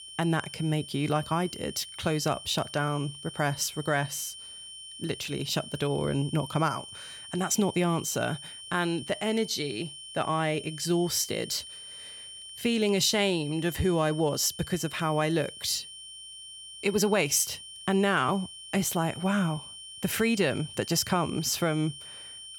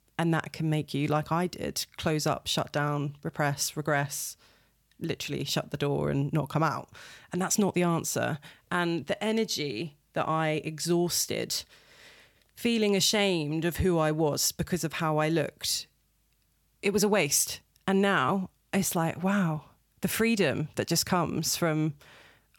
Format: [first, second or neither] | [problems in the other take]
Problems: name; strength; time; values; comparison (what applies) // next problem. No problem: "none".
second | high-pitched whine; noticeable; throughout; 3 kHz, 15 dB below the speech